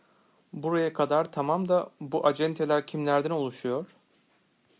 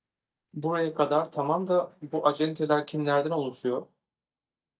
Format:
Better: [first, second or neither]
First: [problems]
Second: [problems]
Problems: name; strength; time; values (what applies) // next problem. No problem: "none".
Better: first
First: none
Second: noise reduction (neural mask model DeepFilterNet 3)